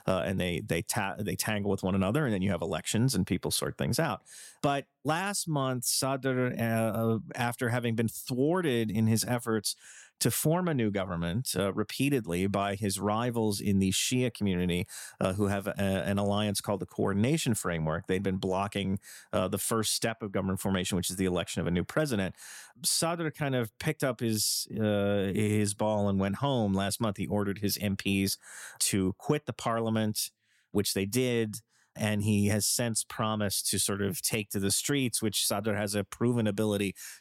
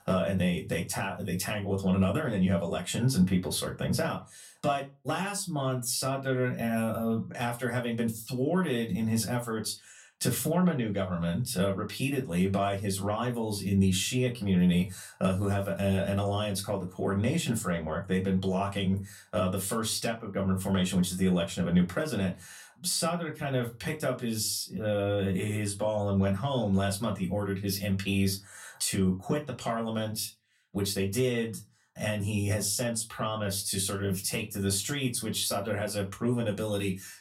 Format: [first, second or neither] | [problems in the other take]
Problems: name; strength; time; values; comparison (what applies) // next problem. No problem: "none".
first | off-mic speech; far // room echo; very slight; dies away in 0.2 s